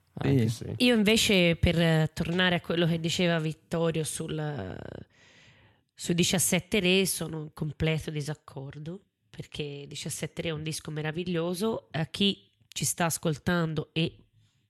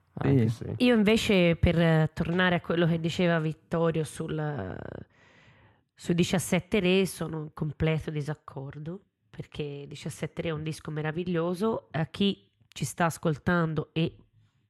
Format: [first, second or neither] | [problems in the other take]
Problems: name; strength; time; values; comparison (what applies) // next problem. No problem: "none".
first | muffled; slightly; fading above 2.5 kHz